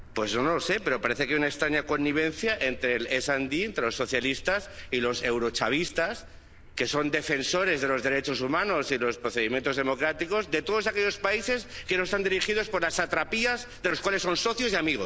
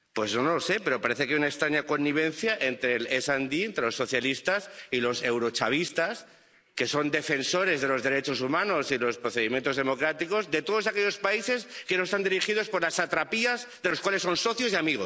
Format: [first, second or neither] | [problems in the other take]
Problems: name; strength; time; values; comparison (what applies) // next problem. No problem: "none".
second | background sound (Motor vehicle (road)); 19 dB below the speech